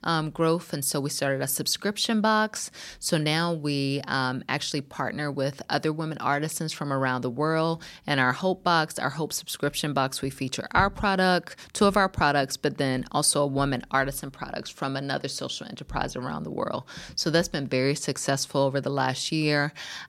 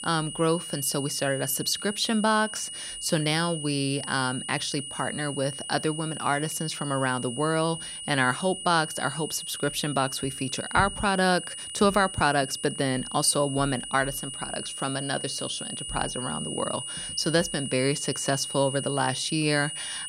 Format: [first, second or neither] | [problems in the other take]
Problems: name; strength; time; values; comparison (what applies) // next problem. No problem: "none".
first | high-pitched whine; loud; throughout; 3 kHz, 7 dB below the speech